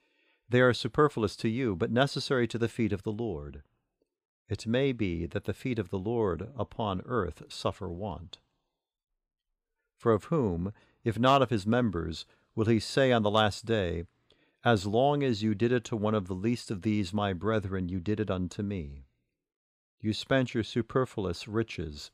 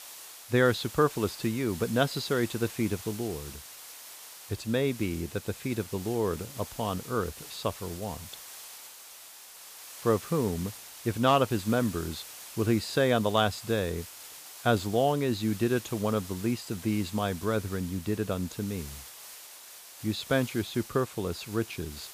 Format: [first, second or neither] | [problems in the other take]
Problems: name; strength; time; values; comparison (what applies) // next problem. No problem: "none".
first | hiss; noticeable; throughout; 15 dB below the speech